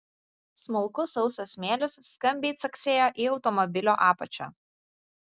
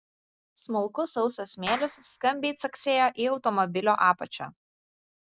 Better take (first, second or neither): first